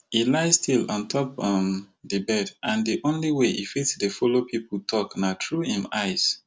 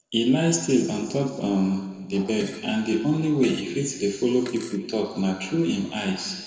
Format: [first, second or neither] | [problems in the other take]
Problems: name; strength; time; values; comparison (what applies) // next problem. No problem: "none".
first | noise reduction (neural separator model SepFormer DNS4)